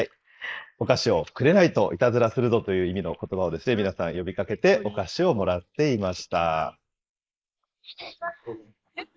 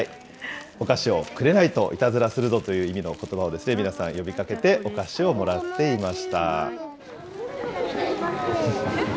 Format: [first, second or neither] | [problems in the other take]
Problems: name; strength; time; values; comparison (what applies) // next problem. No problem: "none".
second | noise reduction (neural mask model Resemble Enhance denoiser)